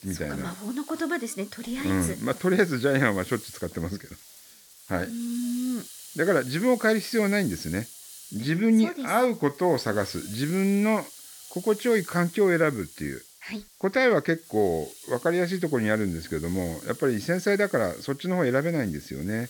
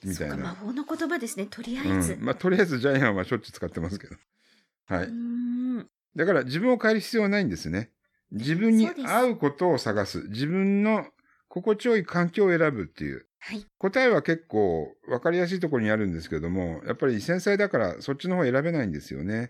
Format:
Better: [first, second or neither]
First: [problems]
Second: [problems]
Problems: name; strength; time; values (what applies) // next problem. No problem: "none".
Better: second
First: hiss; noticeable; throughout; 15 dB below the speech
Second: none